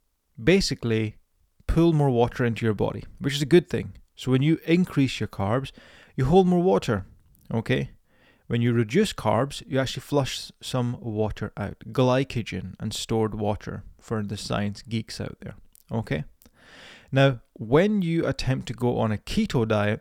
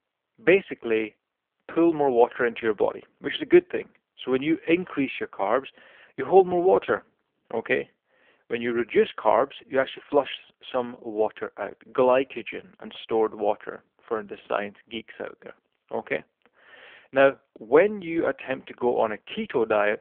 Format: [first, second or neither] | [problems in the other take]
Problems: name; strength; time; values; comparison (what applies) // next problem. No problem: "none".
first | phone-call audio; poor line; nothing above 3.5 kHz